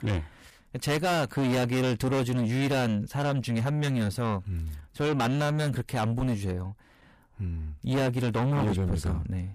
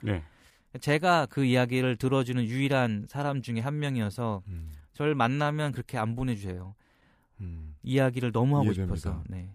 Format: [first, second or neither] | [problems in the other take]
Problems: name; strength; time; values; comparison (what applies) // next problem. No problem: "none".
second | distortion; heavy; 5 dB below the speech